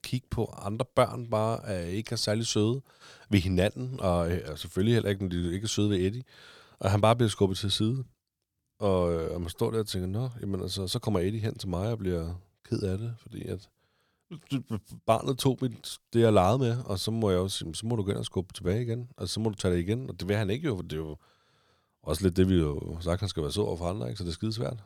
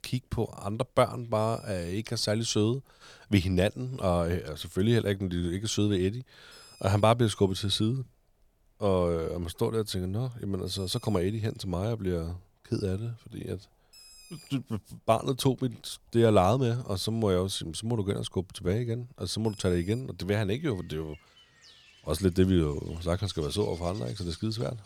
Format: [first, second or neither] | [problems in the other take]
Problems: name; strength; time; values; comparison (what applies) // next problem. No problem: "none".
first | animal sounds; faint; throughout; 25 dB below the speech